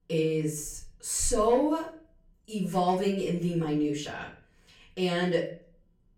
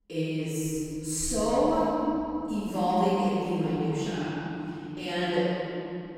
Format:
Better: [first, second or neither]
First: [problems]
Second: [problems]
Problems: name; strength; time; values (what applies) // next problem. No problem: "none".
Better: first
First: room echo; slight; dies away in 0.4 s // off-mic speech; far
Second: room echo; strong; dies away in 3 s // off-mic speech; far